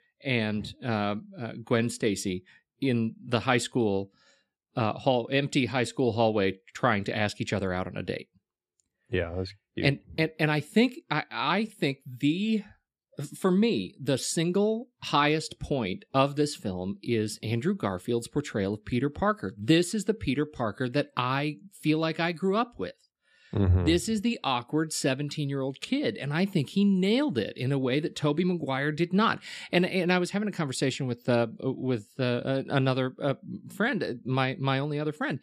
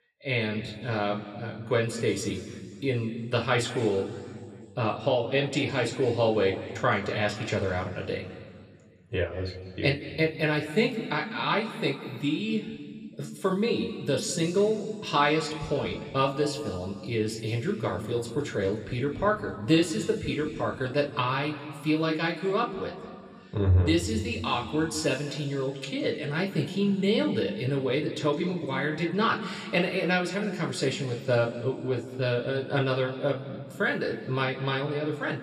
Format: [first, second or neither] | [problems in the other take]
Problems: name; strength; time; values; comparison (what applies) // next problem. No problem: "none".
first | room echo; slight; dies away in 2 s // off-mic speech; somewhat distant